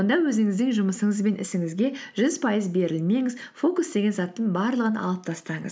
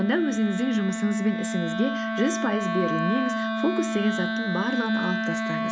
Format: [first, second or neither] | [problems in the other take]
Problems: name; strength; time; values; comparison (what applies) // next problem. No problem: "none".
first | background sound (Wind instrument, woodwind instrument); 1 dB below the speech